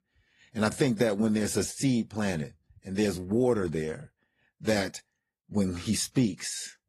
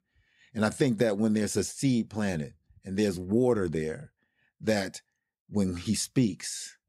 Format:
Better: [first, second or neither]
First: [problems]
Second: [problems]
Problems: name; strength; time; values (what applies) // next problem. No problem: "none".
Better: second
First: garbled, watery; slightly; nothing above 11.5 kHz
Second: none